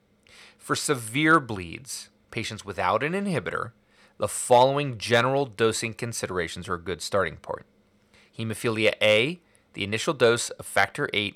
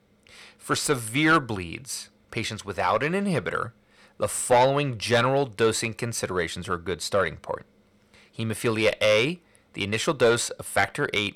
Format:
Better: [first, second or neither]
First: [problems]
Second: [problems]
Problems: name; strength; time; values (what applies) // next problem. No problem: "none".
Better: first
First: none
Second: distortion; slight; 10 dB below the speech